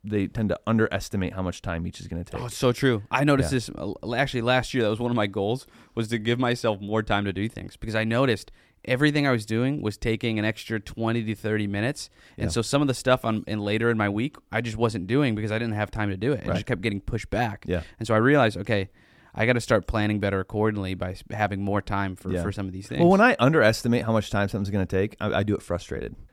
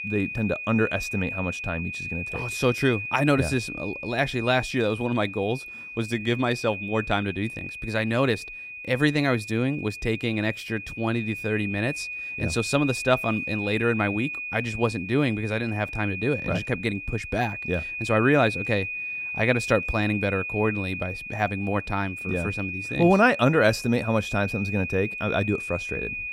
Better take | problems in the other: first | high-pitched whine; loud; throughout; 2.5 kHz, 6 dB below the speech

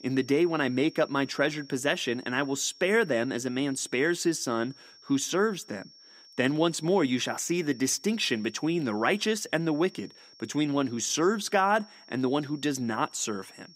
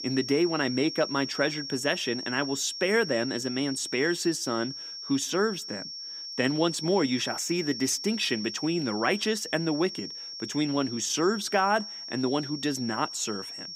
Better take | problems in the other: first | high-pitched whine; loud; throughout; 5.5 kHz, 7 dB below the speech; faint in the first

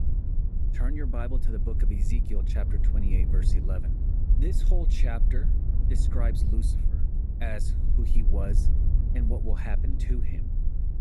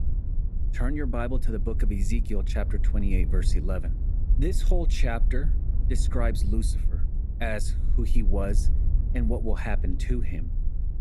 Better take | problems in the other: second | wind noise on the microphone; heavy; 4 dB below the speech; occasional gusts in the second

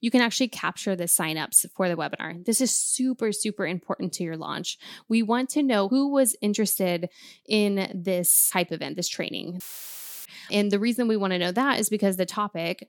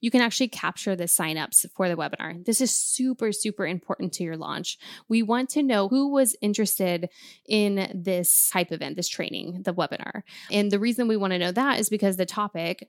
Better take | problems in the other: second | audio cutting out; filled with static; at 9.5 s for 0.5 s

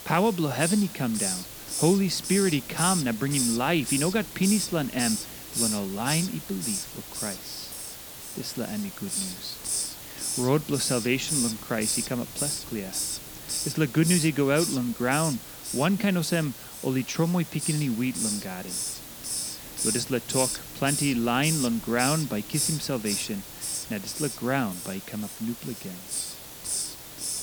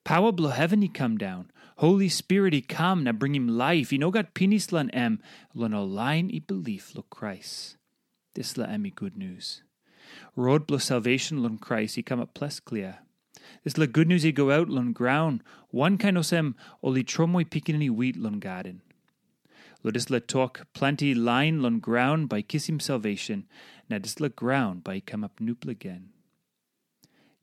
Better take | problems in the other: second | hiss; loud; throughout; 3 dB below the speech

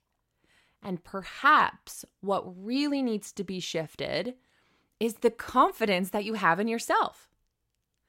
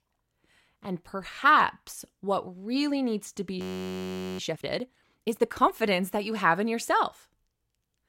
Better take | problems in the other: first | audio freezing; at 3.5 s for 1 s

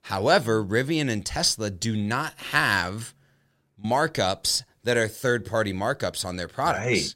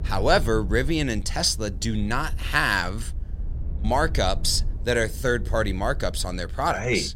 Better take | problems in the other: first | low rumble; faint; throughout; 25 dB below the speech

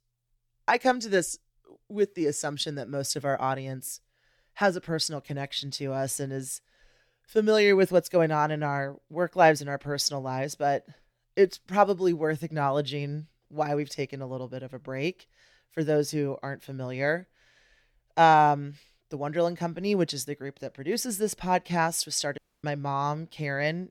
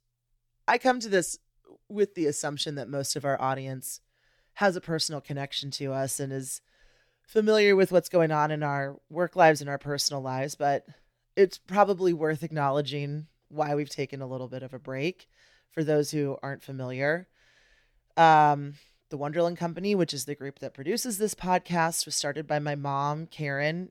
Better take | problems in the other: second | audio cutting out; at 22 s

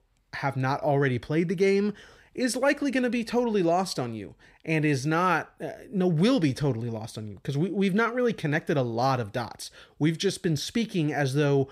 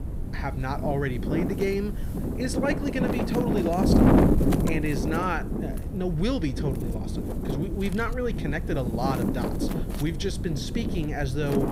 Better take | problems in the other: first | wind noise on the microphone; heavy; 1 dB below the speech

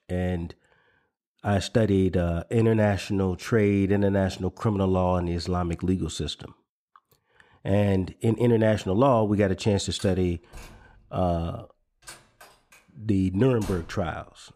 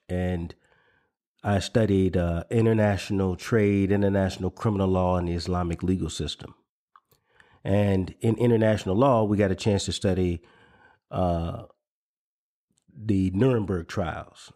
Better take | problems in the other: second | door banging; faint; from 10 s on; peak 15 dB below the speech

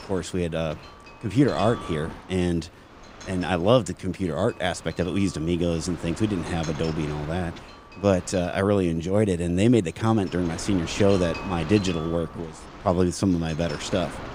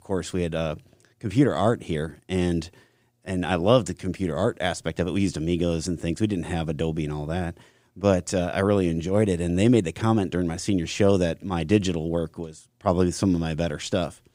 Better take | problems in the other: second | wind noise on the microphone; occasional gusts; 10 dB below the speech

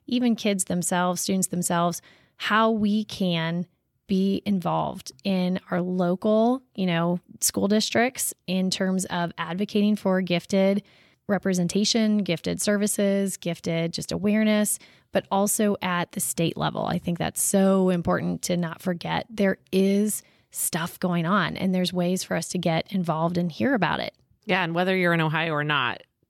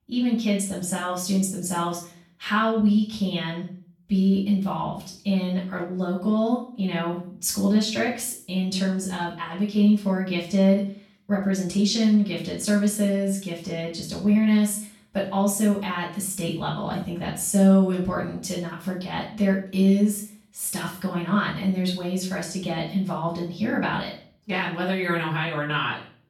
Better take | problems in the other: first | off-mic speech; far // room echo; noticeable; dies away in 0.4 s

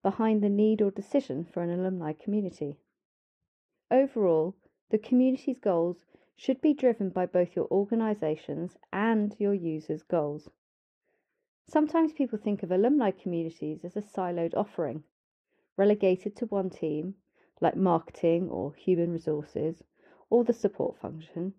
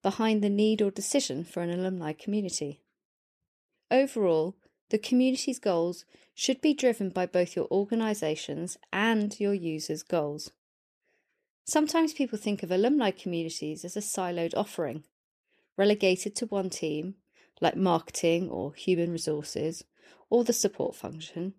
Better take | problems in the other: second | muffled; very; fading above 3.5 kHz

